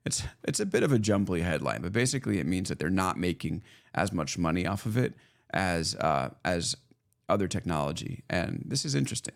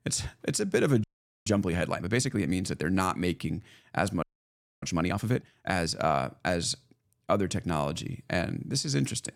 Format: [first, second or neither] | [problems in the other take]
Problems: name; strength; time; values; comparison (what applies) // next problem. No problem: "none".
first | audio freezing; at 1 s and at 4 s for 0.5 s